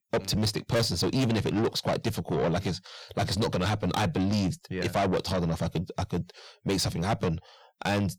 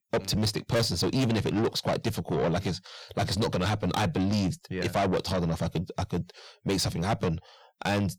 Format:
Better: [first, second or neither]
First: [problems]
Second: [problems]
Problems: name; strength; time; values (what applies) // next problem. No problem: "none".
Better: neither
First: distortion; heavy; 6 dB below the speech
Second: distortion; heavy; 6 dB below the speech